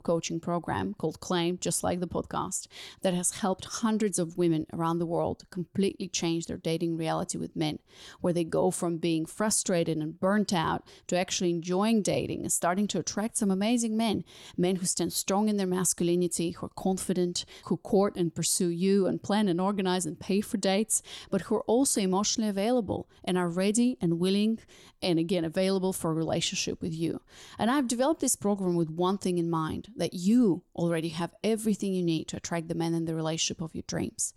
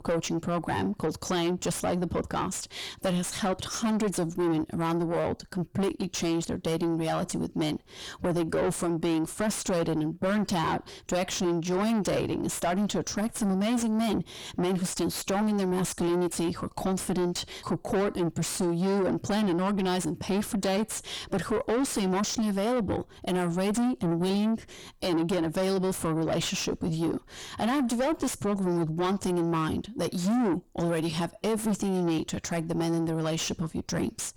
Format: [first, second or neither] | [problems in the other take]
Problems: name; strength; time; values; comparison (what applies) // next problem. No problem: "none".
first | distortion; heavy; 5 dB below the speech